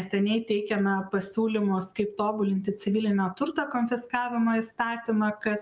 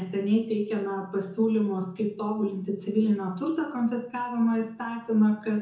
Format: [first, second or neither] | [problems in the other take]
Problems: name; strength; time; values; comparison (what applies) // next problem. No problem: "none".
first | room echo; dies away in 0.6 s